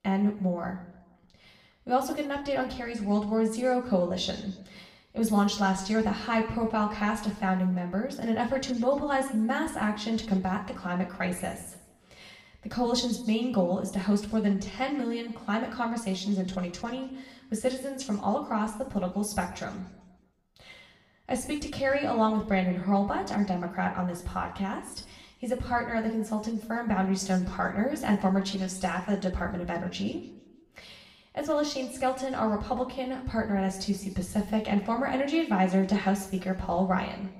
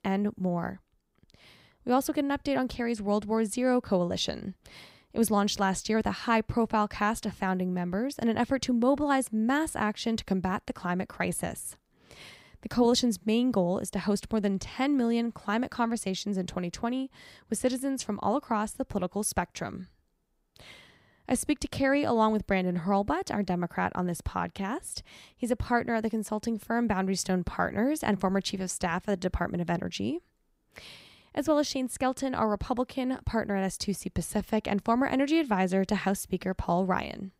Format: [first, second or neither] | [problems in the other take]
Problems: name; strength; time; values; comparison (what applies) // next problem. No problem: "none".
second | room echo; slight; dies away in 0.8 s // off-mic speech; somewhat distant